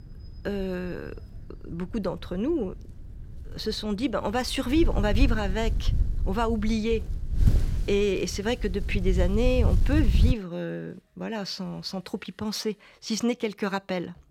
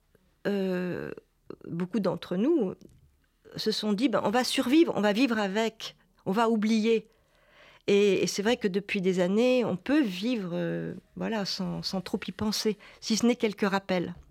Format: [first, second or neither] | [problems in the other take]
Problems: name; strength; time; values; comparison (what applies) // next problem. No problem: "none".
second | wind noise on the microphone; occasional gusts; until 10 s; 15 dB below the speech